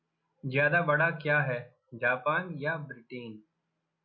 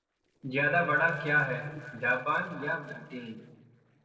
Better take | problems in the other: first | noise reduction (neural separator model SepFormer DNS4)

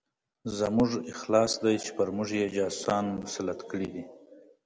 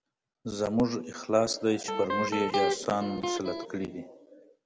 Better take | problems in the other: first | background sound (Electric guitar); as loud as the speech

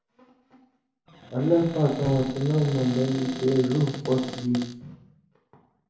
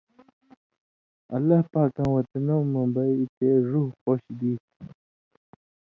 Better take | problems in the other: second | background sound (Cupboard open or close); 13 dB below the speech // room echo; dies away in 0.7 s

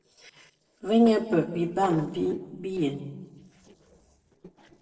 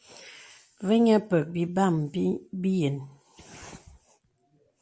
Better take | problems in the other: second | noise reduction (neural separator model SepFormer DNS4)

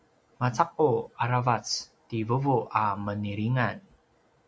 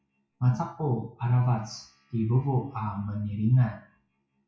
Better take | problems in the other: first | noise reduction (classical method WPE with log-MMSE)

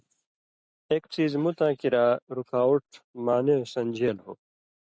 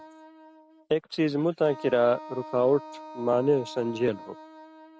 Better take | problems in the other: first | background sound (Wind instrument, woodwind instrument); 17 dB below the speech

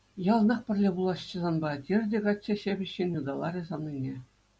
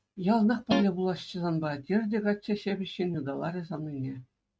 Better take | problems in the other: first | noise reduction (neural mask model RNNoise)

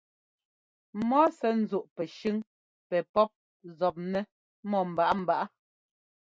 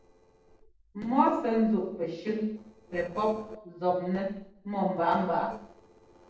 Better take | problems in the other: first | noise reduction (neural separator model SepFormer DNS4)

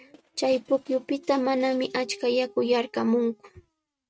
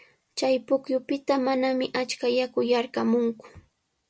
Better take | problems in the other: second | noise reduction (neural mask model RNNoise)

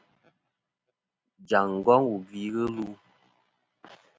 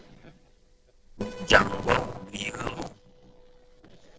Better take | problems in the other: first | noise reduction (neural separator model SepFormer DNS4)

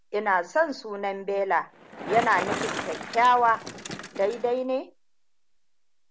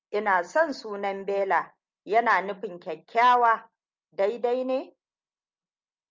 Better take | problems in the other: second | background sound (Bicycle); 11 dB below the speech

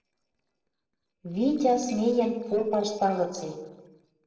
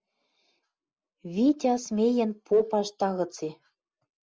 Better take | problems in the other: second | noise reduction (neural separator model SepFormer DNS4)

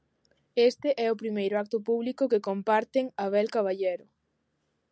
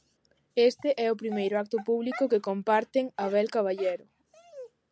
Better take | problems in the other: first | background sound (Dog); 20 dB below the speech

